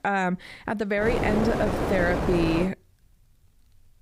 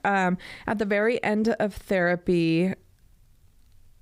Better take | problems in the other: second | wind noise on the microphone; faint; from 1 to 2.5 s; 2 dB below the speech

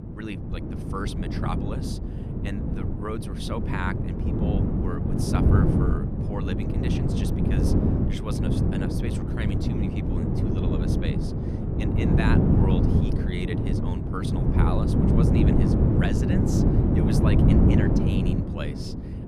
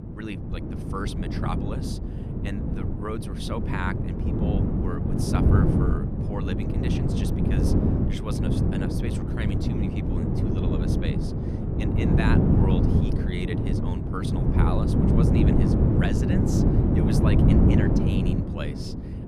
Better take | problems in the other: neither | wind noise on the microphone; heavy; 4 dB above the speech; the same in both

